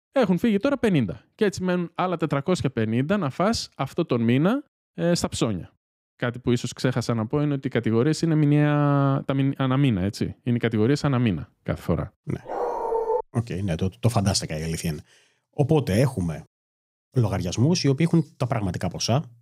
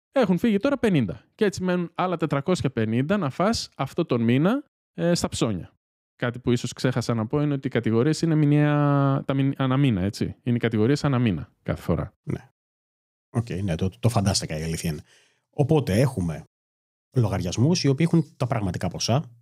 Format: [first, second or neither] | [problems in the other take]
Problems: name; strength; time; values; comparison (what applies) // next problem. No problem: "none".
second | dog barking; noticeable; at 12 s; peak 1 dB below the speech